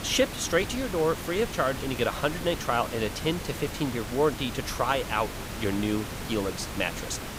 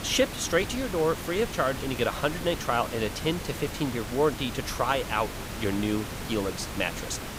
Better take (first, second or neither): neither